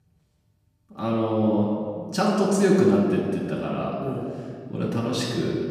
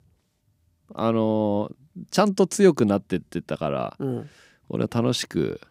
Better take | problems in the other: second | off-mic speech; far // room echo; noticeable; dies away in 1.7 s

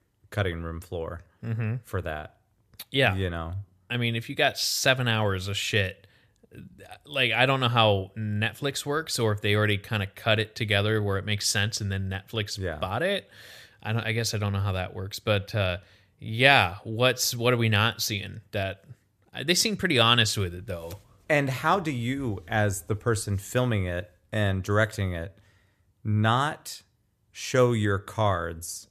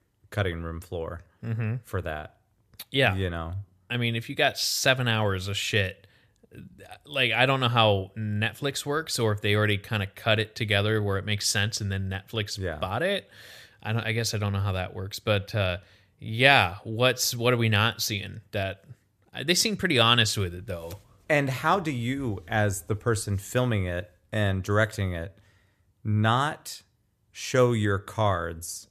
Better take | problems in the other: neither | none

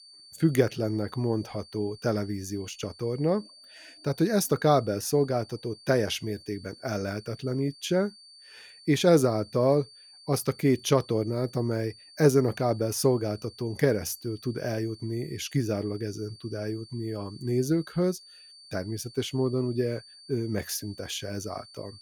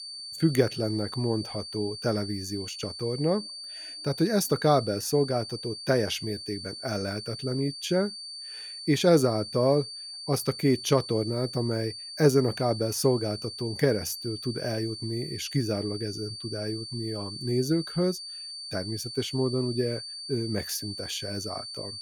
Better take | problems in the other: first | high-pitched whine; loud; throughout; 4.5 kHz, 9 dB below the speech; faint in the first

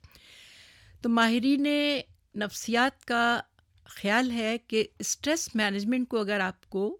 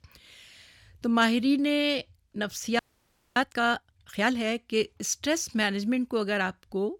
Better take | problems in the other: first | audio freezing; at 3 s for 0.5 s

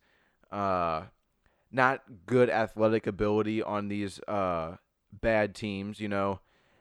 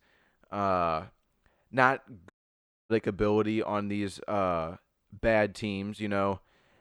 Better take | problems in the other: first | audio cutting out; at 2.5 s for 0.5 s

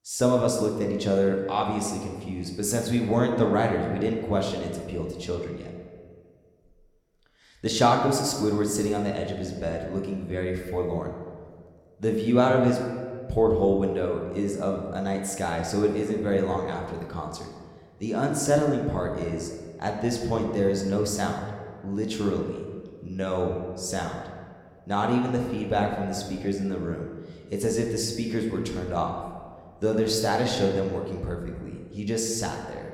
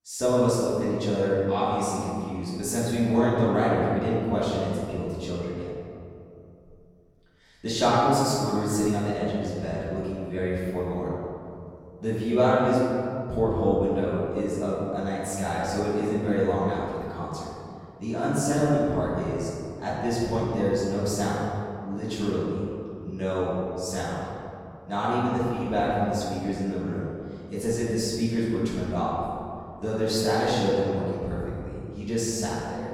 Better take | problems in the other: first | room echo; strong; dies away in 2.3 s; slight in the first // off-mic speech; far

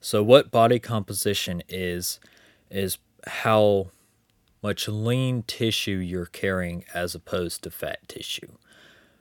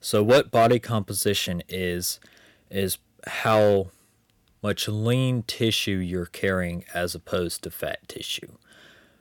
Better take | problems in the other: first | distortion; slight; 1.3% of the sound clipped

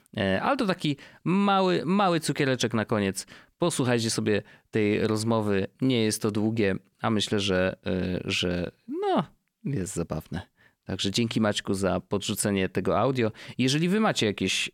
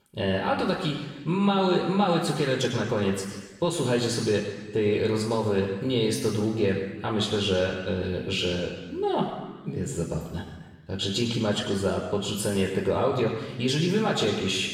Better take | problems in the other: first | room echo; noticeable; dies away in 1.2 s // off-mic speech; far

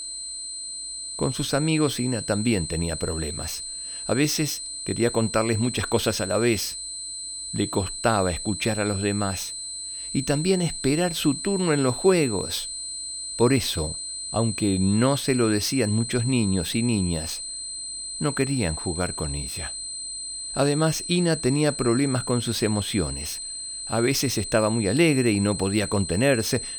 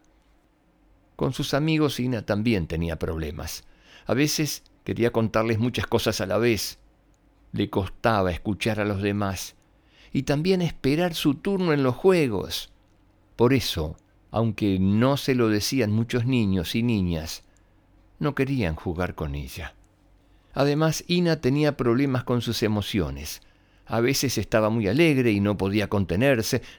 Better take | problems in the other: second | high-pitched whine; loud; throughout; 8 kHz, 6 dB below the speech

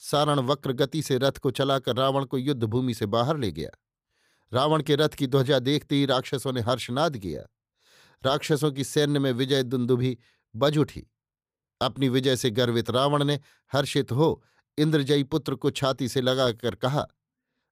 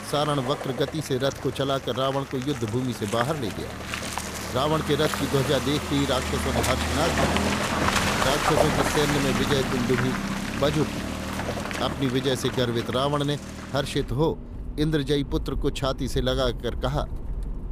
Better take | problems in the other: first | traffic noise; loud; throughout; 2 dB below the speech

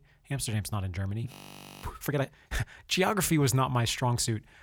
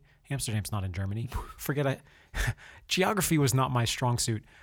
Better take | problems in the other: second | audio freezing; at 1.5 s for 0.5 s

